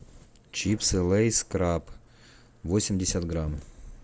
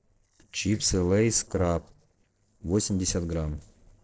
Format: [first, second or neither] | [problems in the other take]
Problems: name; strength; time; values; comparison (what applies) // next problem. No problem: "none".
first | noise reduction (neural separator model SepFormer DNS4)